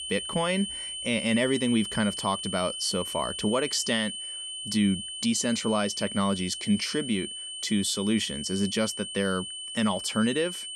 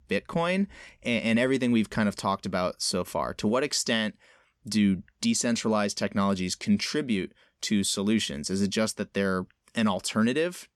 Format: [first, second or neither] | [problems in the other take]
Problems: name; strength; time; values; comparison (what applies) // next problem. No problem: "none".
second | high-pitched whine; loud; throughout; 3 kHz, 6 dB below the speech